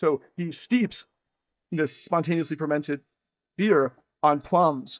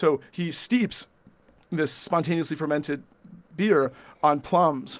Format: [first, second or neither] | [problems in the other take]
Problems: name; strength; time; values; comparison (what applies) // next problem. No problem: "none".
second | noise reduction (neural mask model DeepFilterNet 3)